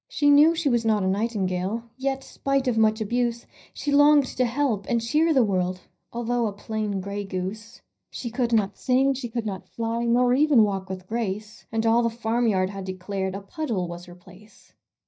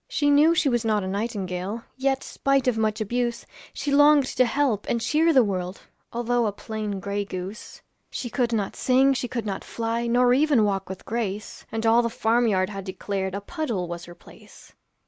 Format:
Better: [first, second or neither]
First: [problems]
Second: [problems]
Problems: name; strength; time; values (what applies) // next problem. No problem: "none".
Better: second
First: noise reduction (neural mask model DeepFilterNet 3)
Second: none